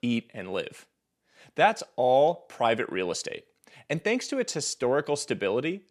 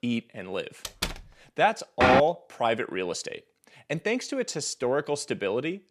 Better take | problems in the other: first | door banging; noticeable; at 1 s; peak 5 dB below the speech // door banging; loud; at 2 s; peak 6 dB above the speech

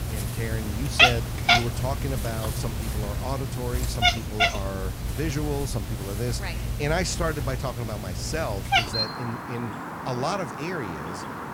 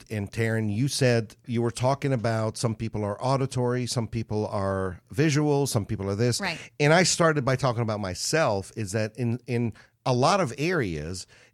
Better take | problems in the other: second | animal sounds; very loud; throughout; 5 dB above the speech

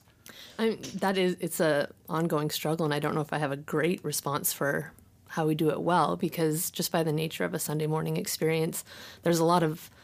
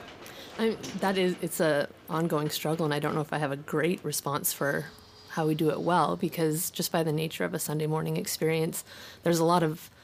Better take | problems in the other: first | train or aircraft noise; faint; throughout; 20 dB below the speech

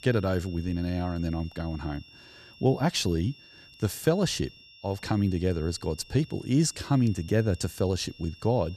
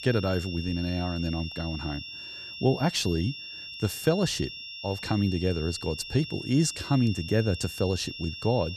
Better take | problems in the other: first | high-pitched whine; loud; throughout; 3 kHz, 9 dB below the speech; faint in the first

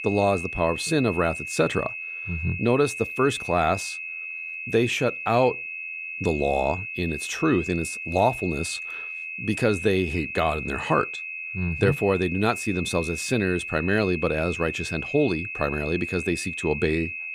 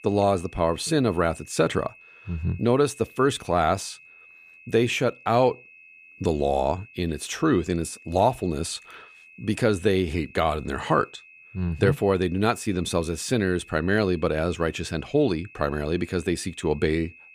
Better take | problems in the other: second | high-pitched whine; loud; throughout; 2.5 kHz, 6 dB below the speech; faint in the second

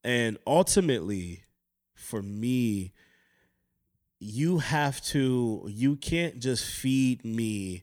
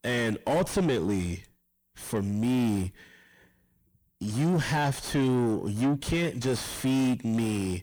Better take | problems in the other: first | distortion; heavy; 6 dB below the speech

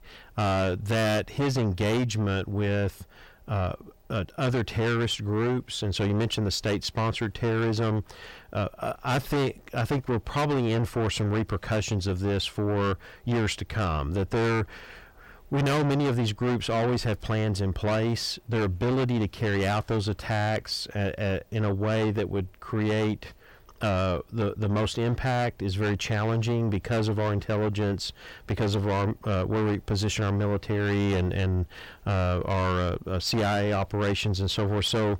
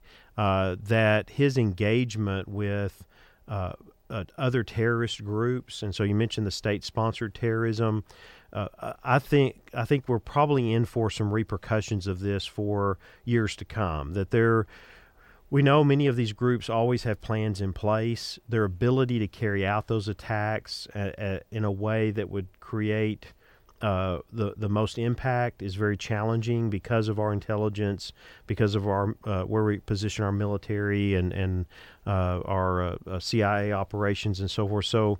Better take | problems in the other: second | distortion; heavy; 6 dB below the speech

